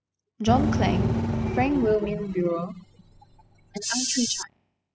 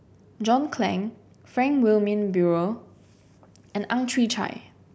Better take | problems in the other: second | noise reduction (classical method spectral subtraction)

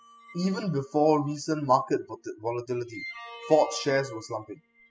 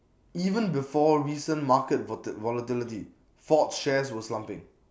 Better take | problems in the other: second | noise reduction (classical method spectral subtraction)

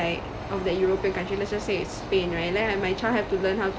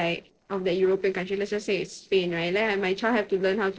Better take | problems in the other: first | noise reduction (neural separator model SepFormer DNS4)

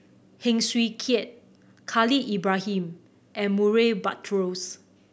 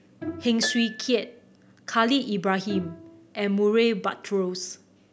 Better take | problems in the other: first | background sound (Bowed string instrument + Harp); 14 dB below the speech

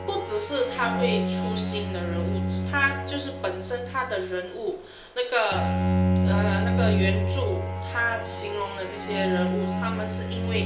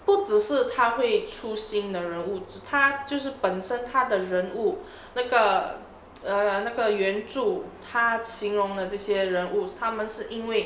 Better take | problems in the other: second | background sound (Bowed string instrument); 2 dB above the speech // room echo; dies away in 0.2 s

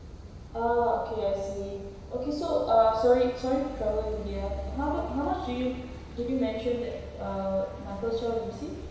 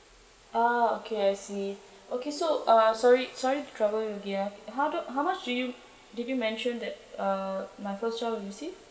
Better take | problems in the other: second | background sound (Car passing by / Idling / Accelerating, revving, vroom); 12 dB below the speech // room echo; dies away in 1 s

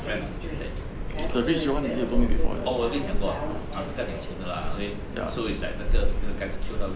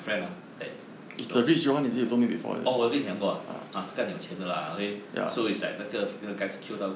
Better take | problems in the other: second | background sound (Subway, metro, underground); 5 dB above the speech

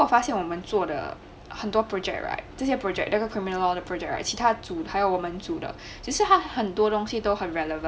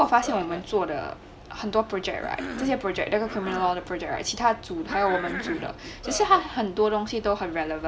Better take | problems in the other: first | background sound (Cough); 13 dB below the speech

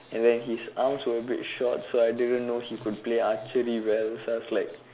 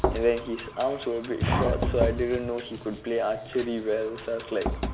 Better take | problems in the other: first | background sound (Knock + Fire); 3 dB below the speech

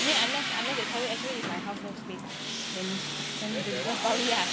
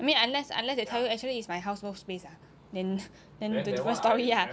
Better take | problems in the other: second | background sound (Tools); 1 dB above the speech

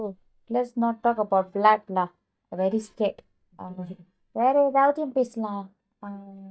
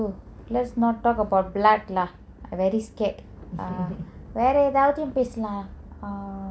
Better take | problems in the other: second | noise reduction (neural mask model DeepFilterNet 3)

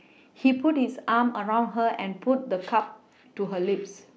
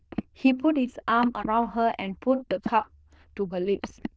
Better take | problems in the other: first | noise reduction (neural diffusion model UNIVERSE++)

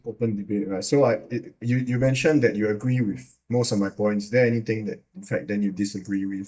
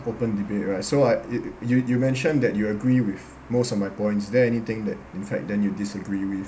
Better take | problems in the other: second | noise reduction (neural mask model DeepFilterNet 3)

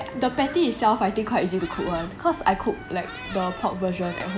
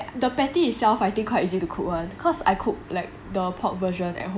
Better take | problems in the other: second | background sound (Wind instrument, woodwind instrument + Thunderstorm); 14 dB below the speech

